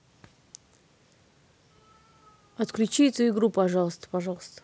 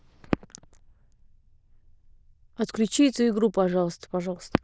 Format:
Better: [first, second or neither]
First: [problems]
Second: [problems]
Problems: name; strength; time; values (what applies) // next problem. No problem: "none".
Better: first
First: none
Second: noise reduction (neural diffusion model UNIVERSE++)